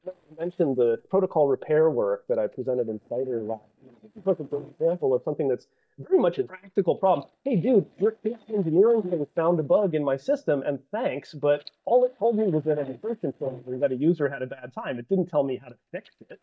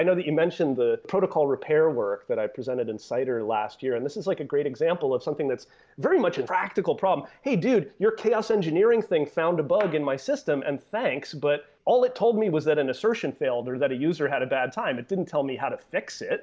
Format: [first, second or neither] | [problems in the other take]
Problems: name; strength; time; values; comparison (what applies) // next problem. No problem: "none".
second | noise reduction (neural mask model DeepFilterNet 3)